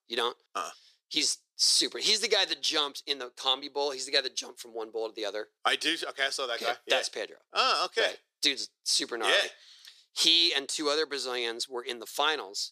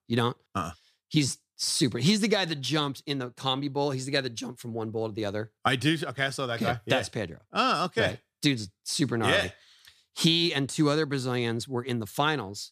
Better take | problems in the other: second | thin; very; fading below 400 Hz

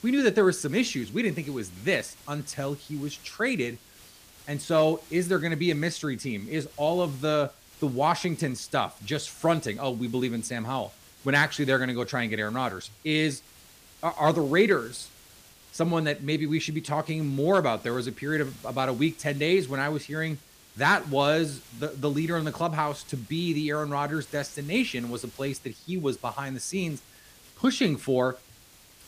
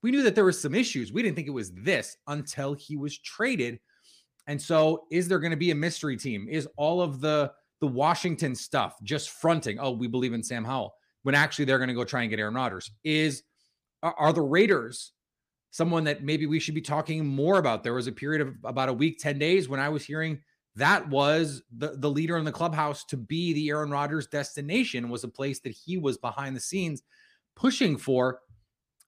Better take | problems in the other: second | hiss; faint; throughout; 20 dB below the speech

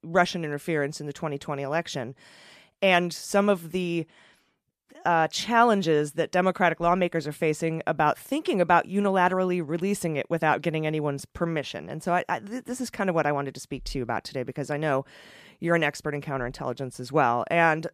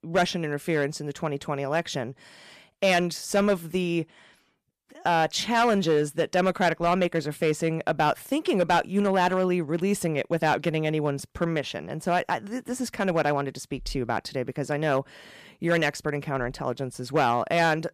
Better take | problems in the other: first | distortion; slight; 3% of the sound clipped

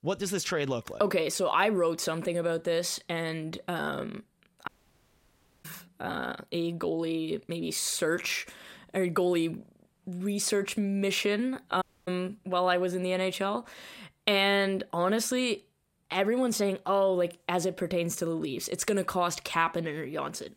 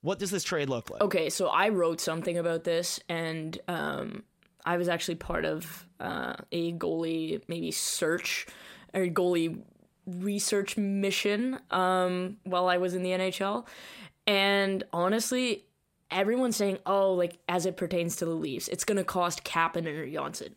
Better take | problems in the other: second | audio cutting out; at 4.5 s for 1 s and at 12 s

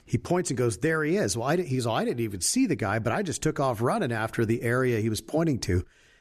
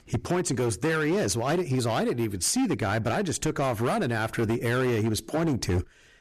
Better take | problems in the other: first | distortion; slight; 17% of the sound clipped

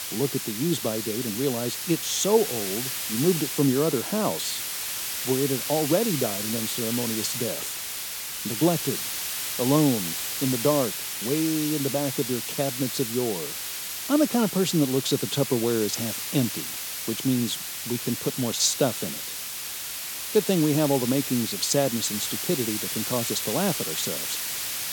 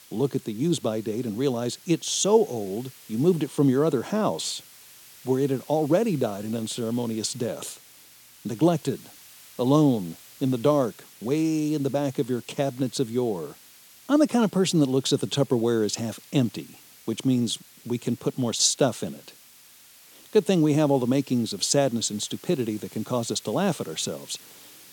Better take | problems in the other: second | hiss; loud; throughout; 3 dB below the speech; faint in the second

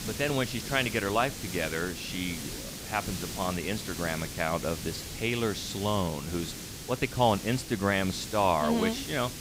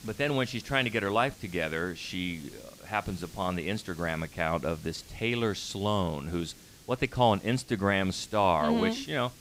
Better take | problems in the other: second | hiss; loud; throughout; 8 dB below the speech; faint in the second

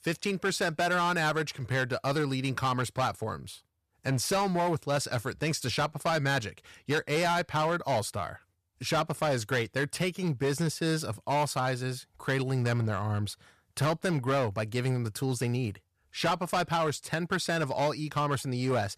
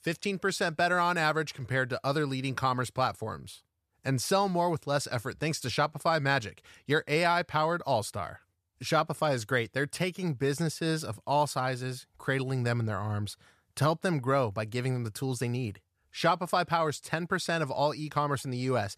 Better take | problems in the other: second | distortion; slight; 9% of the sound clipped

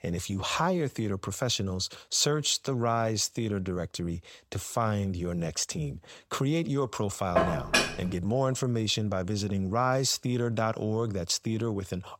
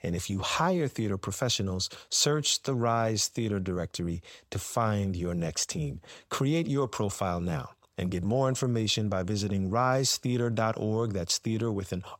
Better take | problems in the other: second | clattering dishes; loud; at 7.5 s; peak 4 dB above the speech

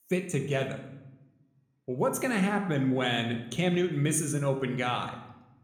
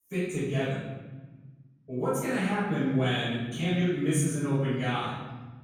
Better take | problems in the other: first | room echo; strong; dies away in 1.4 s; slight in the first // off-mic speech; far

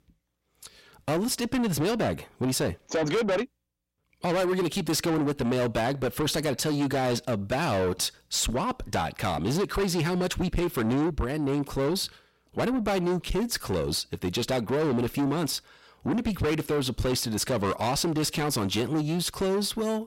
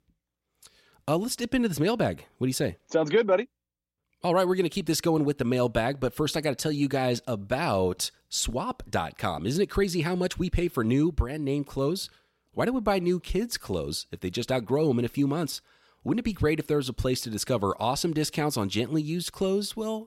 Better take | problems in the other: second | distortion; heavy; 7 dB below the speech

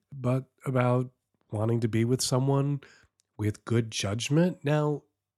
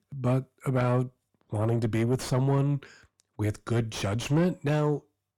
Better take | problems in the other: first | distortion; slight; 9 dB below the speech

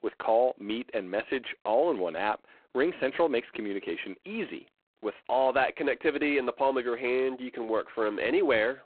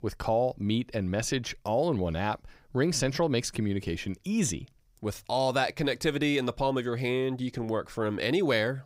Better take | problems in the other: second | phone-call audio; poor line; nothing above 3.5 kHz

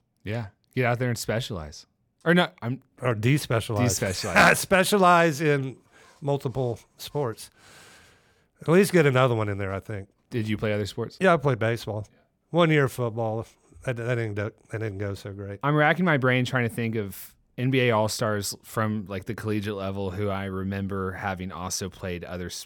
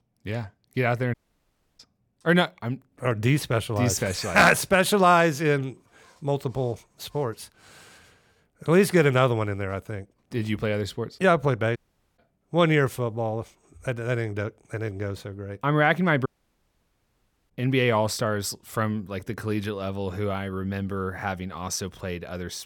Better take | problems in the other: first | audio cutting out; at 1 s for 0.5 s, at 12 s and at 16 s for 1 s

